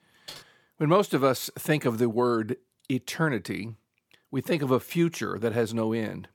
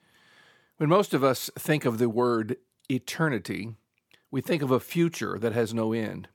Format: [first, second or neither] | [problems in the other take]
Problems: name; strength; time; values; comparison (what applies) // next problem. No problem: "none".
second | keyboard typing; faint; at 0.5 s; peak 15 dB below the speech